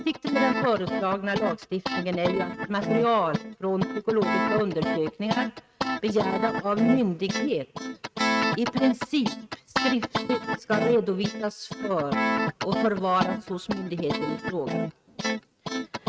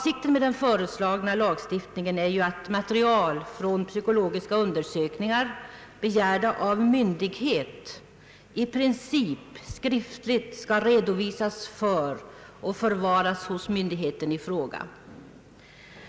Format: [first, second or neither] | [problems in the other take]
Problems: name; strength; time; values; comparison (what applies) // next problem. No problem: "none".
second | noise reduction (neural mask model RNNoise)